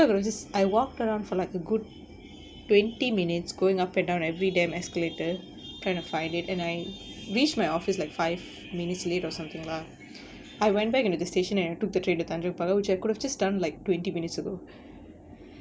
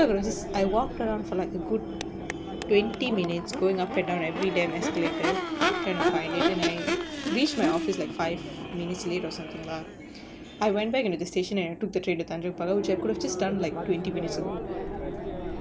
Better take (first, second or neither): first